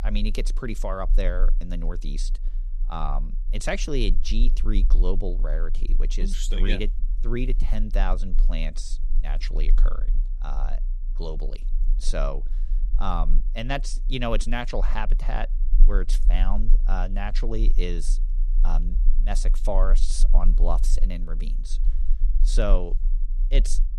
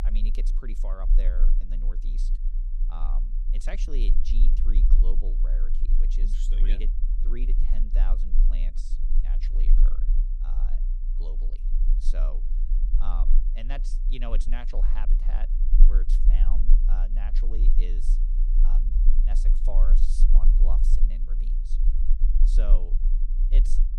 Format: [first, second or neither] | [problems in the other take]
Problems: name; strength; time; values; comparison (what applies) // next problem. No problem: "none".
first | low rumble; loud; throughout; 7 dB below the speech; faint in the first